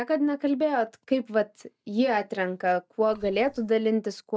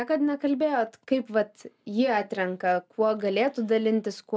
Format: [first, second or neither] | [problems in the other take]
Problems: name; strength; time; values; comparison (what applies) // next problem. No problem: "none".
second | noise reduction (neural mask model DeepFilterNet 3)